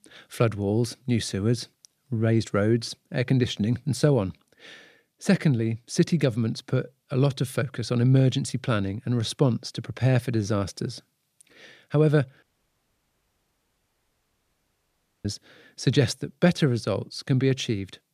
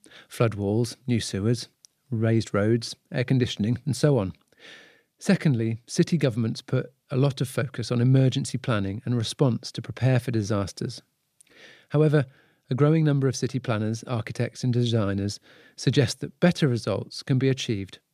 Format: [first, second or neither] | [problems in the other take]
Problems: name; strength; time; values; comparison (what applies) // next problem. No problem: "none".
second | audio cutting out; at 12 s for 3 s